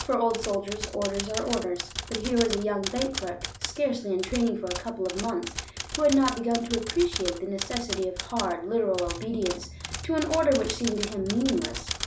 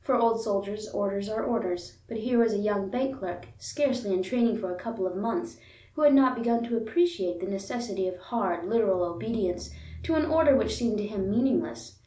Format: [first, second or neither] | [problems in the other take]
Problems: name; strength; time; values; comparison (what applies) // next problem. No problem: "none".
second | background sound (Typewriter); 8 dB below the speech